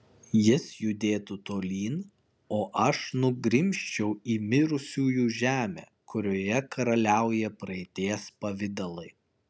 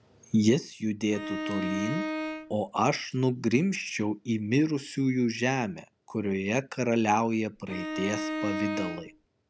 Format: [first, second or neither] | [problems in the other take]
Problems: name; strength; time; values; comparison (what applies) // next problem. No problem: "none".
first | background sound (Bowed string instrument); 5 dB below the speech